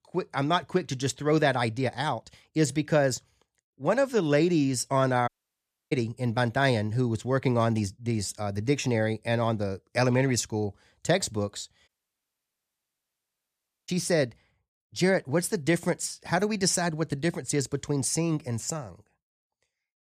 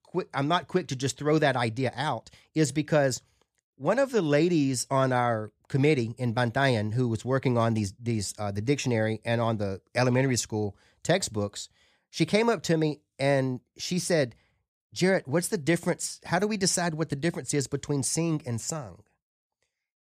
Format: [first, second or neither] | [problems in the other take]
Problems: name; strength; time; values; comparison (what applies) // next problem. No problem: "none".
second | audio cutting out; at 5.5 s for 0.5 s and at 12 s for 2 s